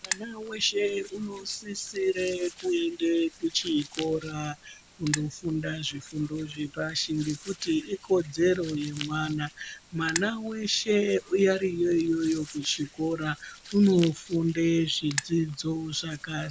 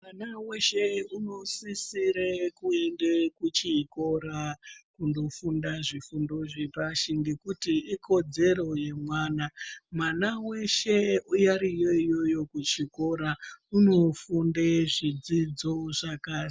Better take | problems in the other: second | background sound (Hands); 15 dB below the speech

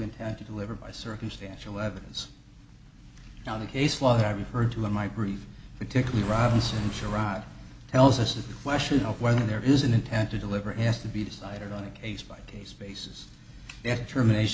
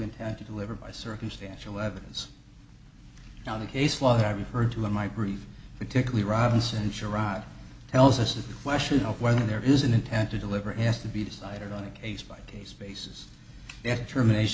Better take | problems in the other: second | background sound (Engine / Car); 9 dB below the speech

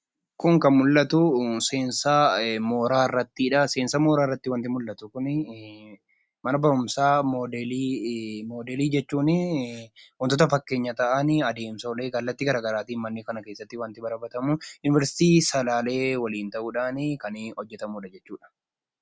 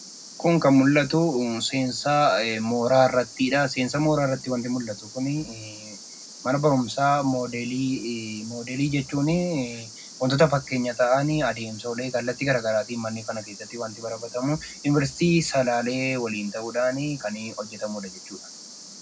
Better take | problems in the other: first | background sound (Cricket); 18 dB below the speech // room echo; dies away in 0.3 s

